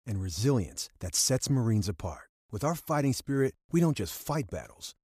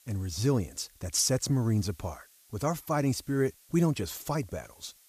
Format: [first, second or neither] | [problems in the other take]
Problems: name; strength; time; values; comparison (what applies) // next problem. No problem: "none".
first | hiss; faint; throughout; 25 dB below the speech